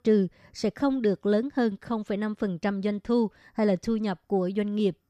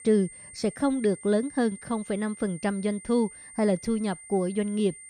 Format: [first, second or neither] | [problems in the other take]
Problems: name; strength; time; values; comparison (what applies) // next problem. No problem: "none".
first | high-pitched whine; noticeable; throughout; 9 kHz, 15 dB below the speech